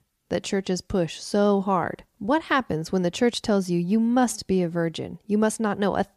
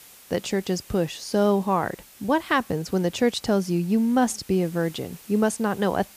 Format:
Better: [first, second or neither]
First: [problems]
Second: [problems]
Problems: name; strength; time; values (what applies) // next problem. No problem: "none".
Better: first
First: none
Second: hiss; faint; throughout; 20 dB below the speech